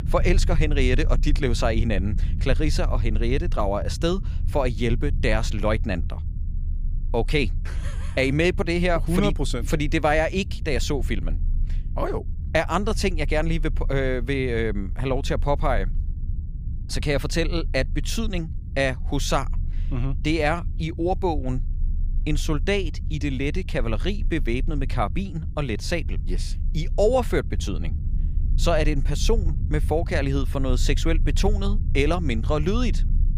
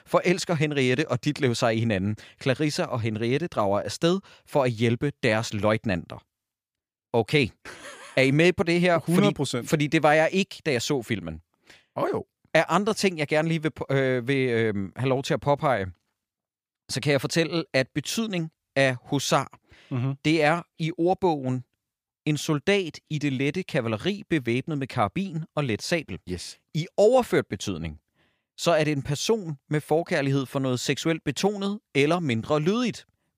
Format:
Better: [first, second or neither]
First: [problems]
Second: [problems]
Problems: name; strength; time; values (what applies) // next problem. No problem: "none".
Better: second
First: low rumble; faint; throughout; 20 dB below the speech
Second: none